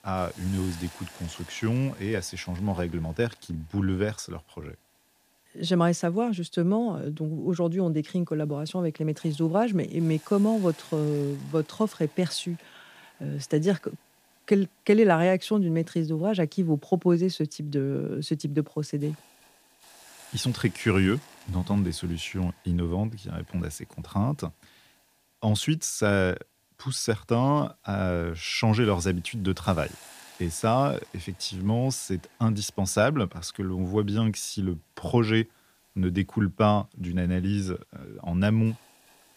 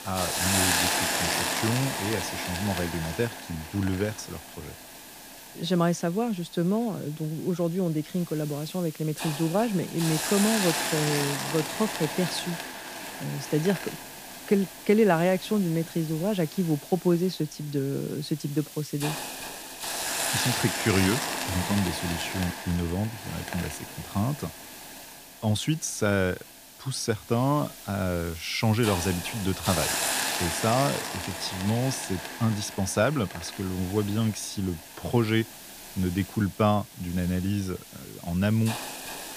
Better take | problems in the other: first | hiss; loud; throughout; 3 dB below the speech; faint in the first

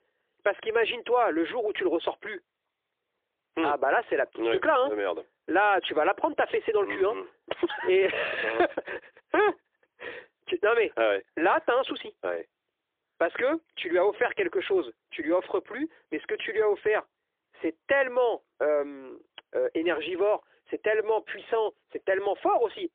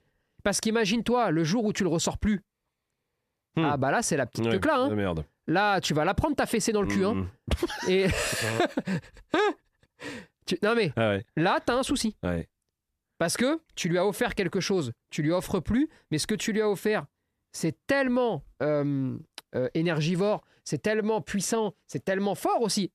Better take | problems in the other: second | phone-call audio; poor line

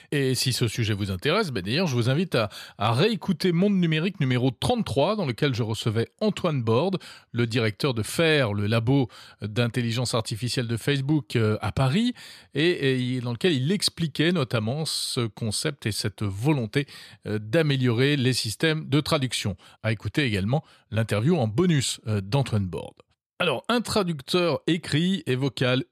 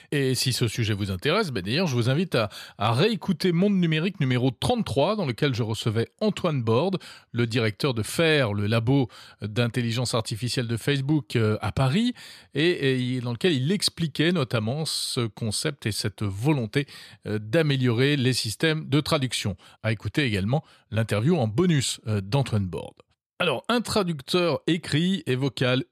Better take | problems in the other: neither | none

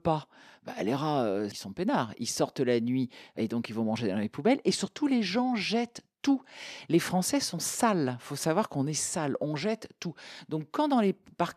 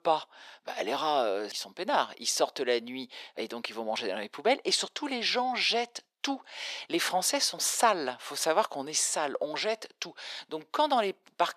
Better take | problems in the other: first | thin; very; fading below 600 Hz

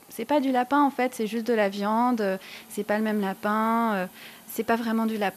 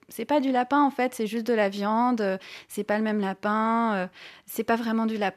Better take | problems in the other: second | hiss; faint; throughout; 25 dB below the speech

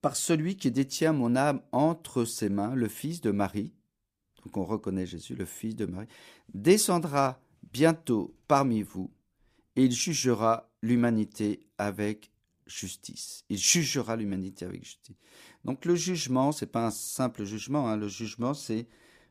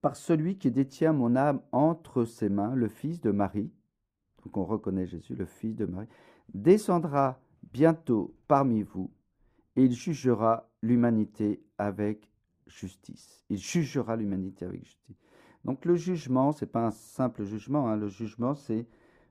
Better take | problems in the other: first | muffled; very; fading above 2 kHz

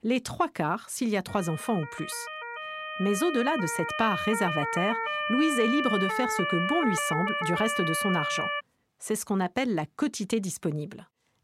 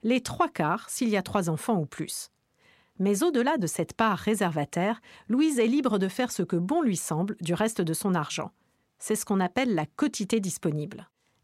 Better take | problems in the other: second | siren; loud; from 1.5 to 8.5 s; peak 1 dB above the speech

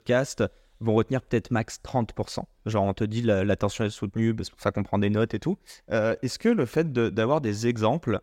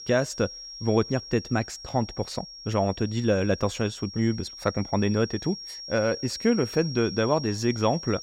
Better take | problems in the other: first | high-pitched whine; noticeable; throughout; 5.5 kHz, 10 dB below the speech

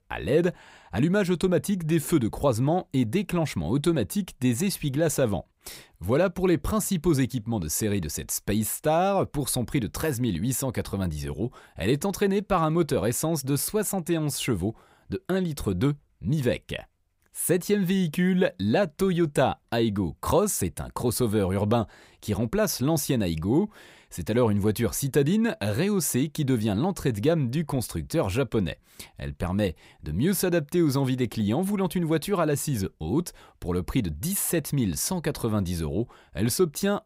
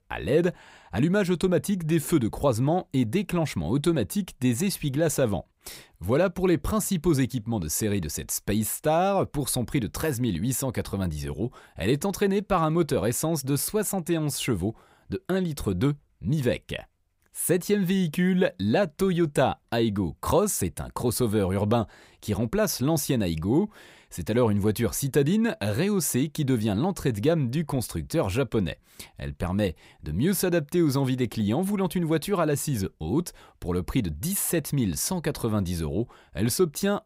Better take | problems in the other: neither | none

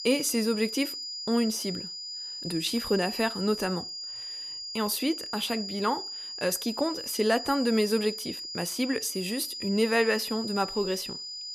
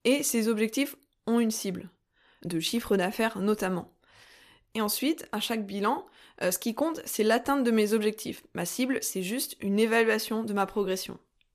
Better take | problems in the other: second | high-pitched whine; loud; throughout; 5 kHz, 6 dB below the speech

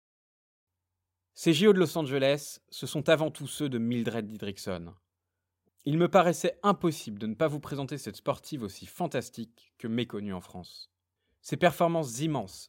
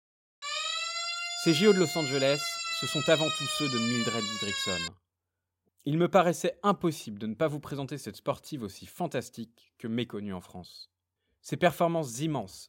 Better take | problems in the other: first | siren; loud; until 5 s; peak level with the speech

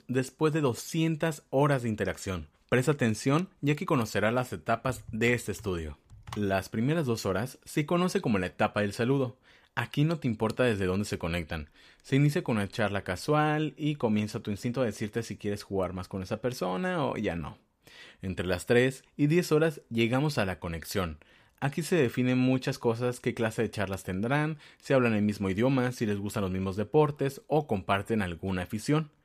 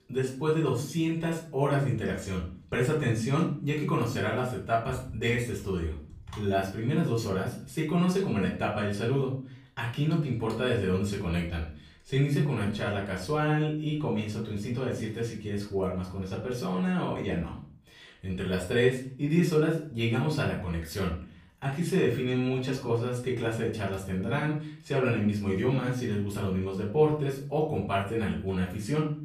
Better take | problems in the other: first | off-mic speech; far // room echo; slight; dies away in 0.4 s

